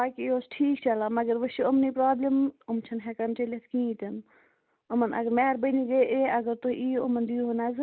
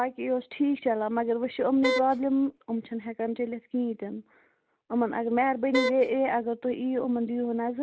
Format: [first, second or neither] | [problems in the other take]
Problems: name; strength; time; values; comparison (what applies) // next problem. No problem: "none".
first | background sound (Wind instrument, woodwind instrument); 3 dB below the speech